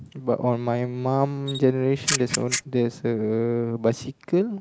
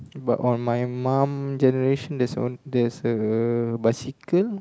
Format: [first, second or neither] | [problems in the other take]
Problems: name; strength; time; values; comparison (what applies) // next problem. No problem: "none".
second | background sound (Camera); 6 dB below the speech